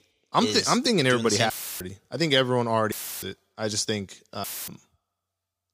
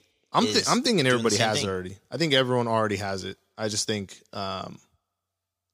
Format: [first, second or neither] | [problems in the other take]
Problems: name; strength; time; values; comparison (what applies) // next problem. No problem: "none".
second | audio cutting out; filled with static; at 1.5 s, at 3 s and at 4.5 s